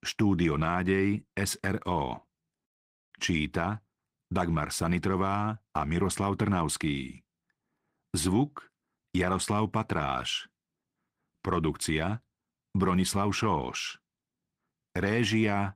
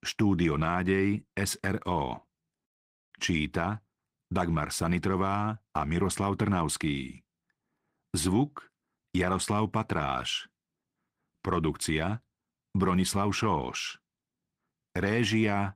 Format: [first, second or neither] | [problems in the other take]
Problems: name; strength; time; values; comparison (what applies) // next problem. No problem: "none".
neither | garbled, watery; slightly; nothing above 15.5 kHz; the same in both